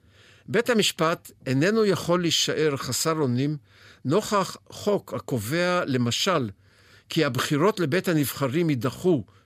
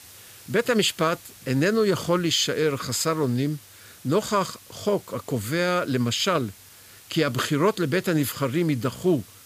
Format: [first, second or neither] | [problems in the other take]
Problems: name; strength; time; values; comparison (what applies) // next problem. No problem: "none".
first | hiss; faint; throughout; 20 dB below the speech